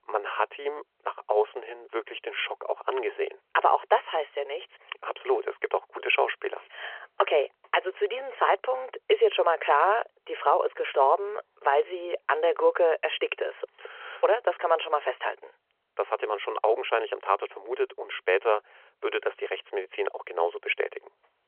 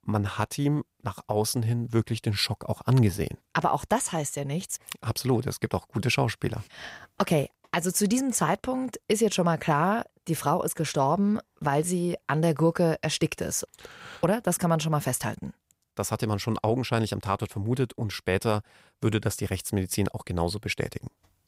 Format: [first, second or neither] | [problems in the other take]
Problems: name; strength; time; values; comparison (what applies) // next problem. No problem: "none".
second | phone-call audio; nothing above 3 kHz